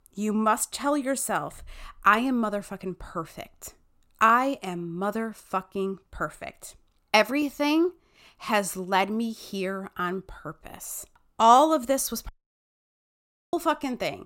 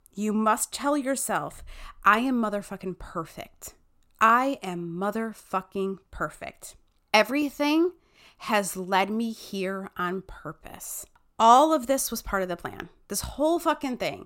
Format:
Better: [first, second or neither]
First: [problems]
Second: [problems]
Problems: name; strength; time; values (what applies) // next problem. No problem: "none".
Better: second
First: audio cutting out; at 12 s for 1 s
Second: none